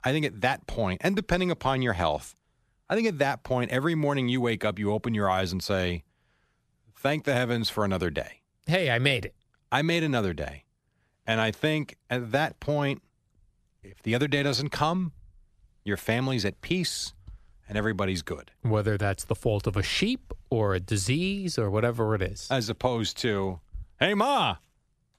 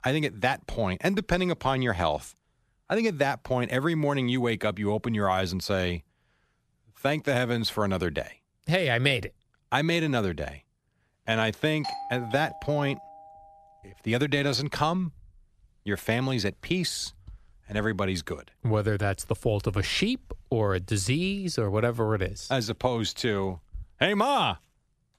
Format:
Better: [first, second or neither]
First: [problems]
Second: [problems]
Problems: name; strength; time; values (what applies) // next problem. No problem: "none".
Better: first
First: none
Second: doorbell; noticeable; from 12 to 13 s; peak 8 dB below the speech